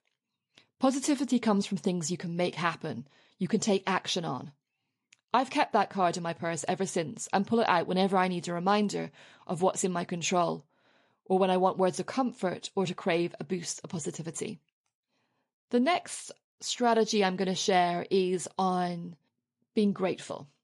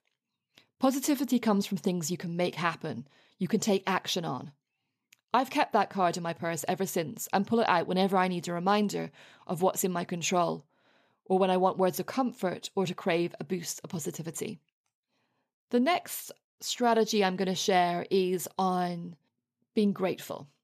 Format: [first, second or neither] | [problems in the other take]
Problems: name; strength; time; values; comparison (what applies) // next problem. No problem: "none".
second | garbled, watery; slightly; nothing above 11 kHz